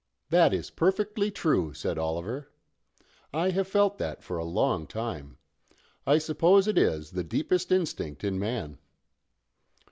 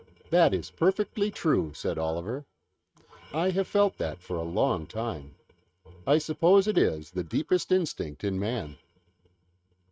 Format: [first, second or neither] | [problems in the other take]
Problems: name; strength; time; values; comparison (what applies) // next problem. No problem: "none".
first | noise reduction (neural mask model RNNoise)